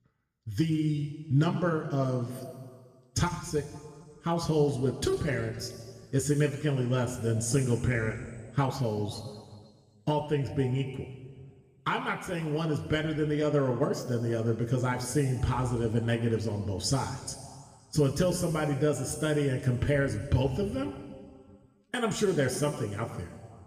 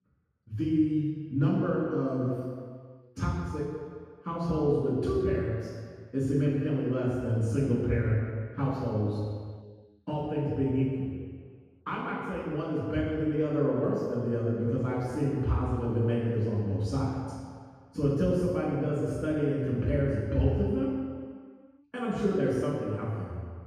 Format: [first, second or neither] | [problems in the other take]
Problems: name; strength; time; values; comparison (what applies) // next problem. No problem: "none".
first | room echo; strong; dies away in 1.8 s; slight in the first // off-mic speech; far; somewhat distant in the first